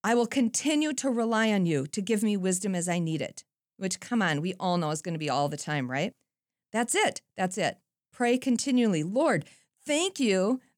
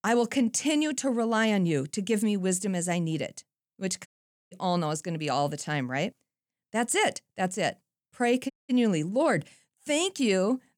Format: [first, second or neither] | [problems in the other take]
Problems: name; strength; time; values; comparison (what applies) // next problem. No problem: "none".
first | audio cutting out; at 4 s and at 8.5 s